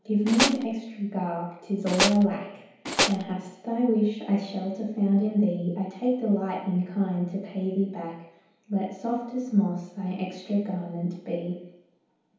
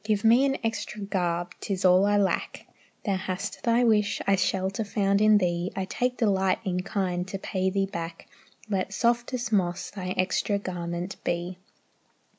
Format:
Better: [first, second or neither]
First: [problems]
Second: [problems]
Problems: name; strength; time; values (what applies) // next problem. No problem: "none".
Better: second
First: background sound (Tools); 1 dB above the speech // room echo; dies away in 2.2 s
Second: none